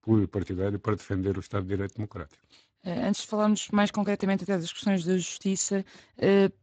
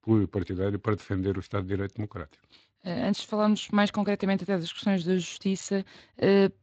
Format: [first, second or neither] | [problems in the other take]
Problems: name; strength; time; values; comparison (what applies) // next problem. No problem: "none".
second | garbled, watery; badly; nothing above 7.5 kHz; slightly in the second